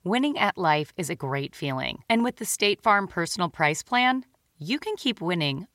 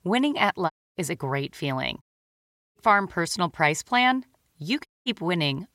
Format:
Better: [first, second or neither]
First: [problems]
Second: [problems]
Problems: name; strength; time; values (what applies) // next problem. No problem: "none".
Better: first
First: none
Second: audio cutting out; at 0.5 s, at 2 s for 0.5 s and at 5 s